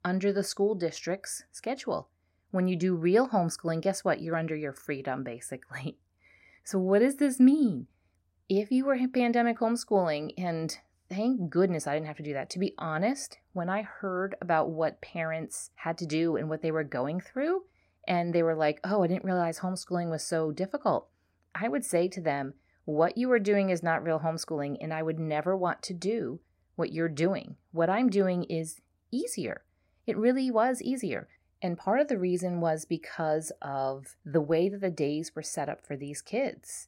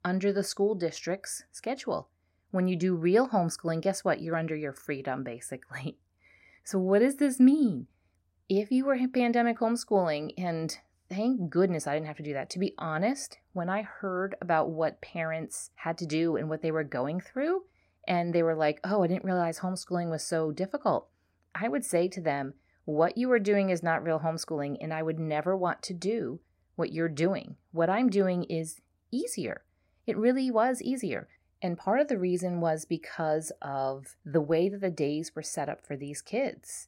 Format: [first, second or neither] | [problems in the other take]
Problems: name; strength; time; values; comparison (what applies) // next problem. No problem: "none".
neither | none